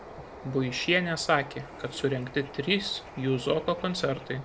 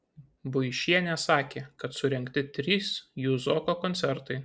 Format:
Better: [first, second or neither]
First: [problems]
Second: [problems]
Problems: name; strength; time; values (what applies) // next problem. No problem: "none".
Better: second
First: background sound (Bird); 15 dB below the speech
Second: none